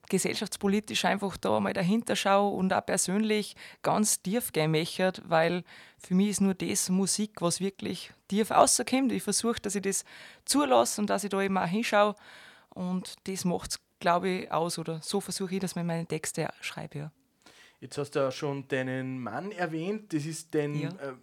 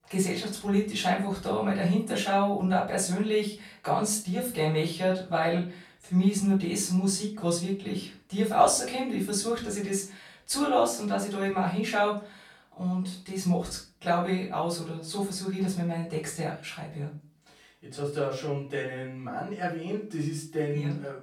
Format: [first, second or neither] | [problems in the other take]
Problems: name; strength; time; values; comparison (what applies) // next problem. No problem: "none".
first | room echo; slight; dies away in 0.3 s // off-mic speech; far